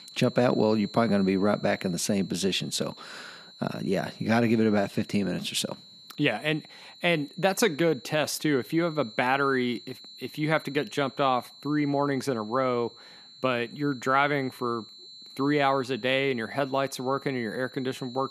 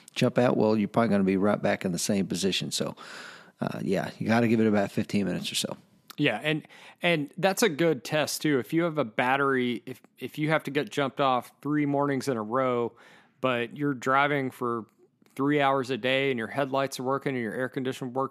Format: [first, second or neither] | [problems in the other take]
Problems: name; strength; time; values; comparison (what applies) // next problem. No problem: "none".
second | high-pitched whine; noticeable; throughout; 4 kHz, 20 dB below the speech